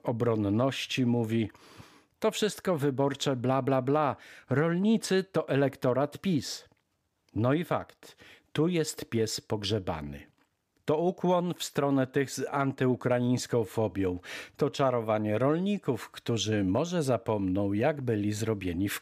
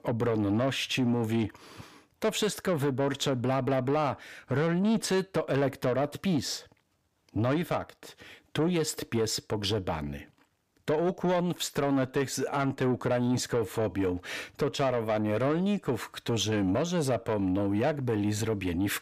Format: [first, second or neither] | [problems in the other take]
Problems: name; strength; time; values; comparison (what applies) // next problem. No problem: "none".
first | distortion; slight; 10 dB below the speech